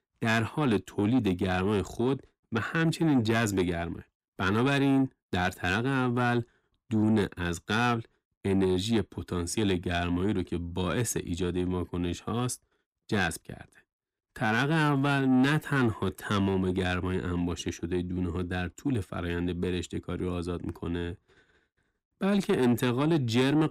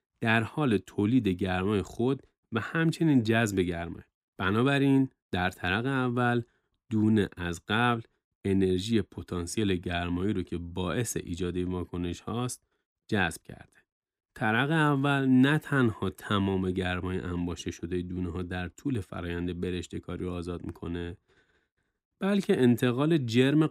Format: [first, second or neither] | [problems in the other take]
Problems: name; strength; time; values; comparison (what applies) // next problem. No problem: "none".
second | distortion; slight; 10 dB below the speech